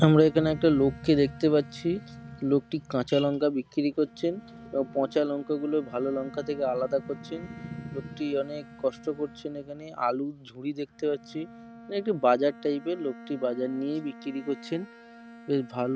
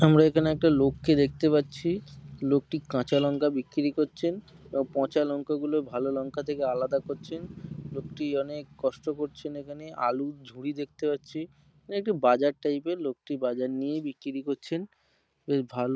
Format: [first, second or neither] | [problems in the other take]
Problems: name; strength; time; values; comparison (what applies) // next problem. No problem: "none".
second | background sound (Bowed string instrument); 20 dB below the speech